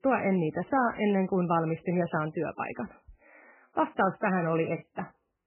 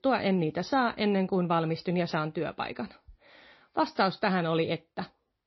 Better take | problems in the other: second | garbled, watery; badly; nothing above 3 kHz; slightly in the second

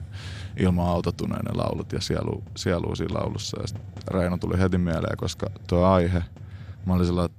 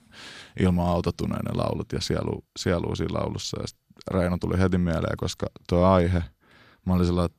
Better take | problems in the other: second | hiss; noticeable; throughout; 15 dB below the speech

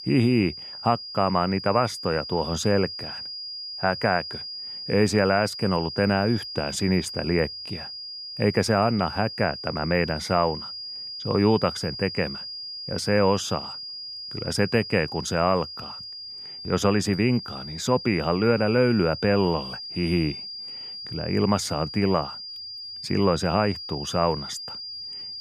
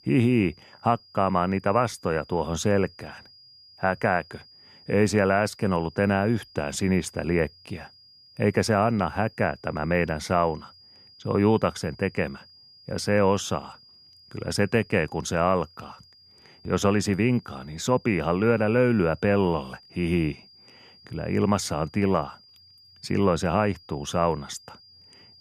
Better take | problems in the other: second | high-pitched whine; loud; throughout; 5 kHz, 9 dB below the speech; faint in the second

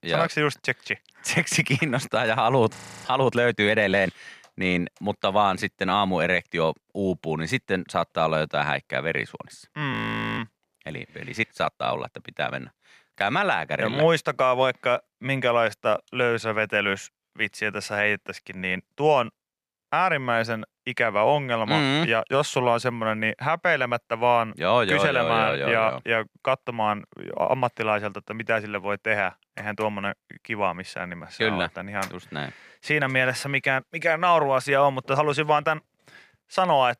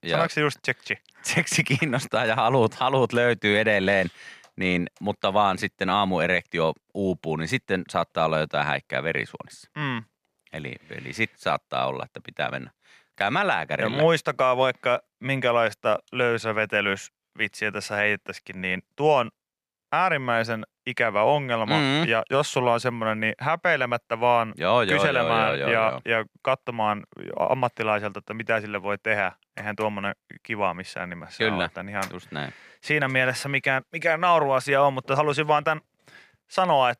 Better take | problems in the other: second | audio freezing; at 3 s and at 10 s

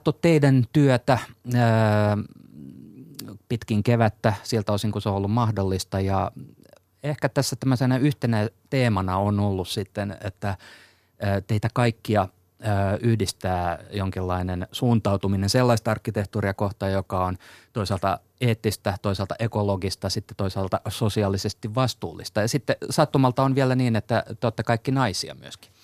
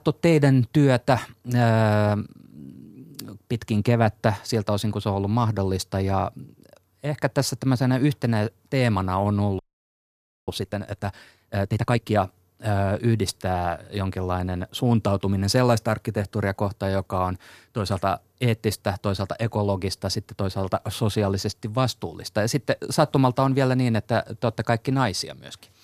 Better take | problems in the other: first | audio freezing; at 9.5 s for 1 s

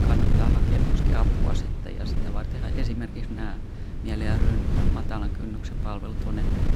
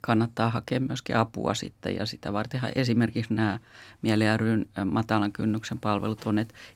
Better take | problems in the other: second | wind noise on the microphone; heavy; 1 dB above the speech

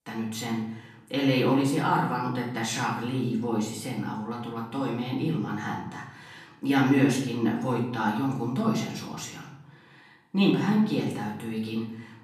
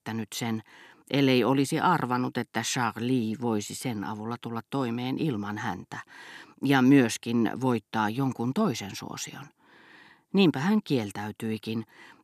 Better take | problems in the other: second | off-mic speech; far // room echo; noticeable; dies away in 0.7 s

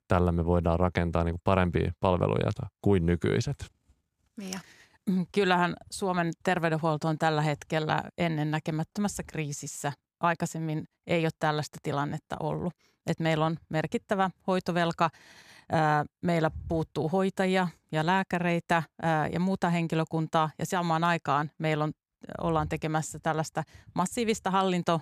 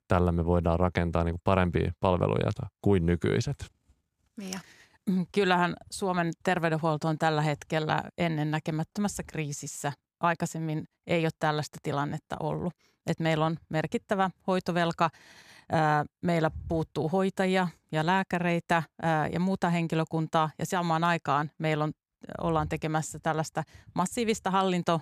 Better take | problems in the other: neither | none

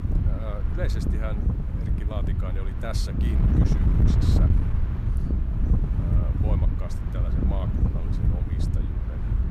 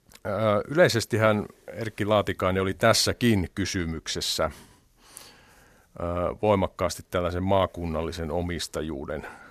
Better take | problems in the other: second | wind noise on the microphone; heavy; 3 dB above the speech

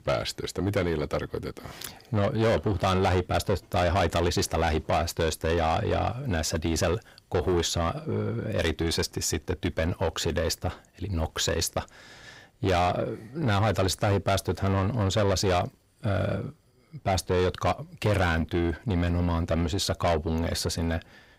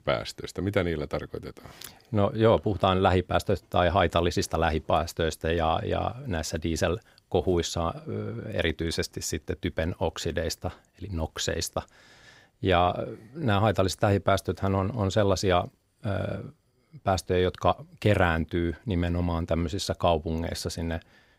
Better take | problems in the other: second | distortion; heavy; 7 dB below the speech

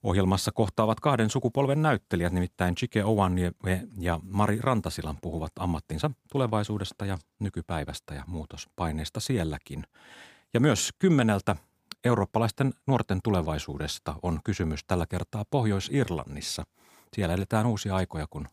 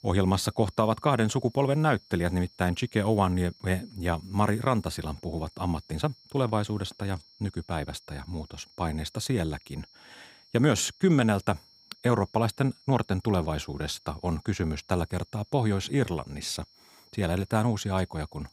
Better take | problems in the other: first | high-pitched whine; faint; throughout; 5.5 kHz, 25 dB below the speech

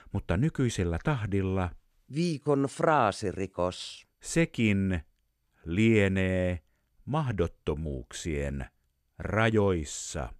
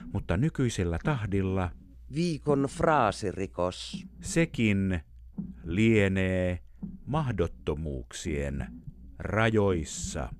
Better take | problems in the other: first | low rumble; faint; throughout; 20 dB below the speech

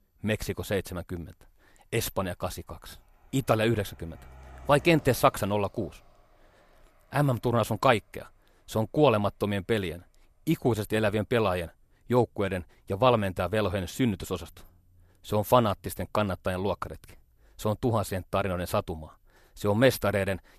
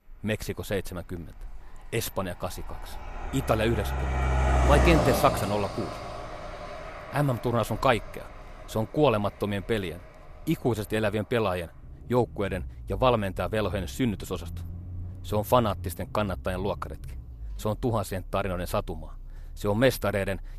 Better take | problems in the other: first | traffic noise; loud; throughout; 5 dB below the speech; faint in the first

